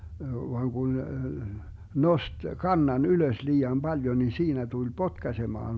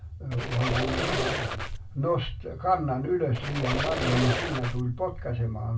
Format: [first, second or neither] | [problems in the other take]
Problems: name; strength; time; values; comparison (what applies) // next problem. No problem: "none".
first | background sound (Squeak); 3 dB below the speech // room echo; dies away in 0.2 s